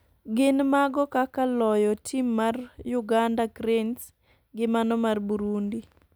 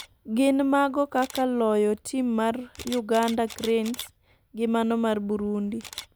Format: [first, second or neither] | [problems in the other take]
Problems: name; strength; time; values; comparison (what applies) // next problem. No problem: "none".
first | background sound (Camera); 19 dB below the speech